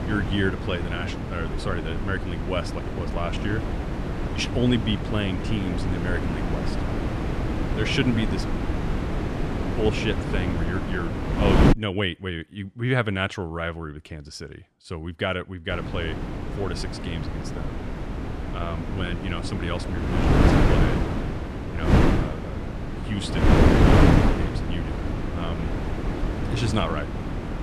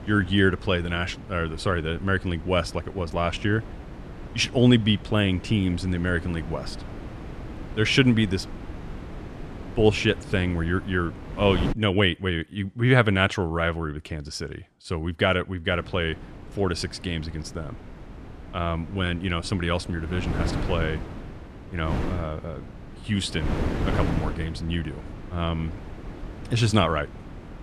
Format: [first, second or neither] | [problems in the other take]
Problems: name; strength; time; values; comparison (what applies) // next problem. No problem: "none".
second | wind noise on the microphone; heavy; until 12 s and from 16 s on; 1 dB above the speech; occasional gusts in the second